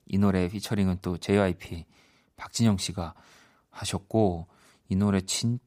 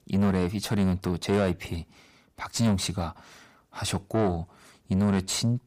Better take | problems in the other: first | distortion; slight; 10 dB below the speech

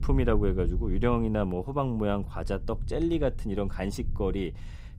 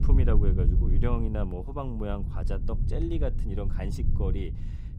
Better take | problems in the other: first | low rumble; loud; throughout; 7 dB below the speech; faint in the first

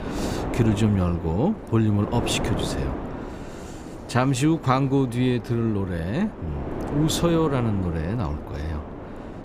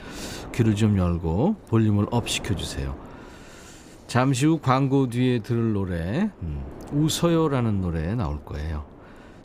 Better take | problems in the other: second | wind noise on the microphone; heavy; 8 dB below the speech; occasional gusts in the second

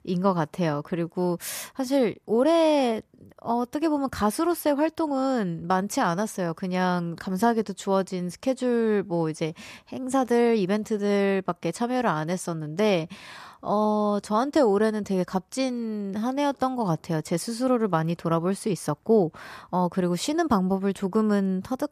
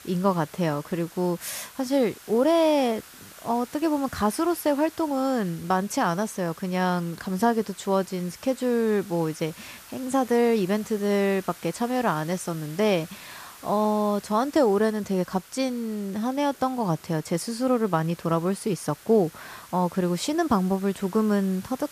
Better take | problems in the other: first | hiss; noticeable; throughout; 20 dB below the speech

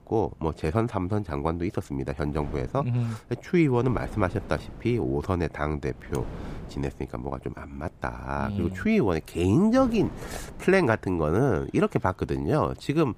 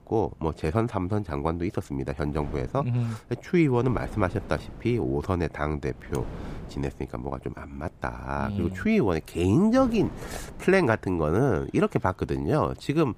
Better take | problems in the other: neither | wind noise on the microphone; occasional gusts; 20 dB below the speech; the same in both

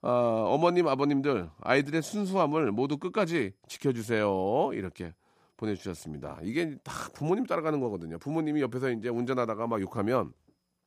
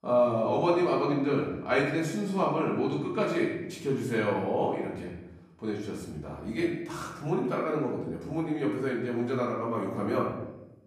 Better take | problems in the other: first | off-mic speech; far // room echo; noticeable; dies away in 0.8 s

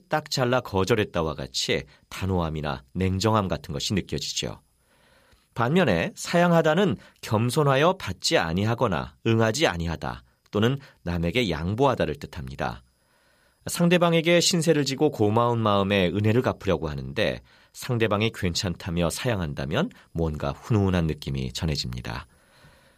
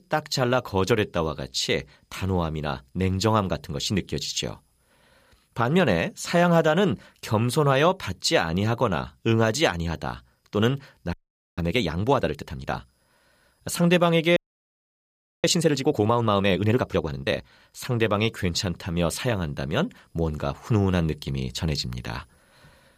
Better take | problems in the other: first | audio freezing; at 11 s and at 14 s for 1 s

